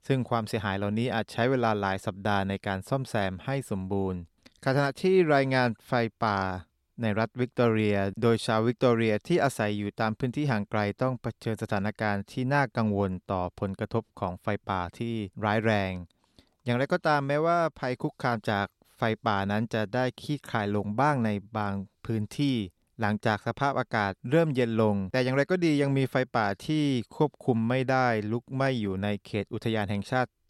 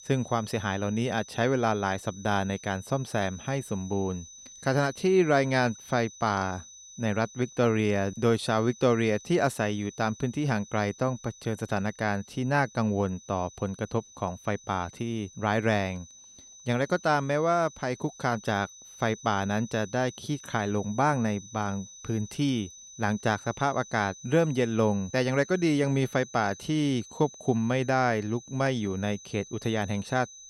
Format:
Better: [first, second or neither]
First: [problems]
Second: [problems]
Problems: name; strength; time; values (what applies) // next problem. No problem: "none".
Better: first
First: none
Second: high-pitched whine; noticeable; throughout; 6 kHz, 20 dB below the speech